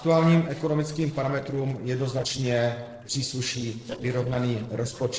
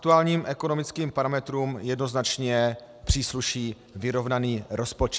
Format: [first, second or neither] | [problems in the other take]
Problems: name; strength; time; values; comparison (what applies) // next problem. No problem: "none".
second | noise reduction (neural separator model SepFormer DNS4)